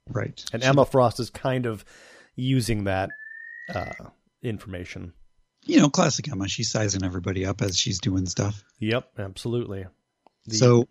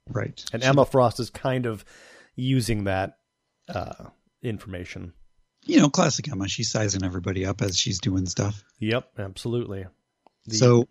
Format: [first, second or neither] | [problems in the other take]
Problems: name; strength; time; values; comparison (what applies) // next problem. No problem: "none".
second | alarm; faint; at 3 s; peak 15 dB below the speech